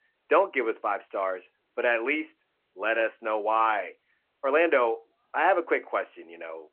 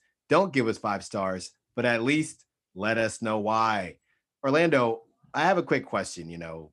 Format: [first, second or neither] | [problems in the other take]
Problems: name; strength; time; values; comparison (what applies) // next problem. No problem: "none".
second | phone-call audio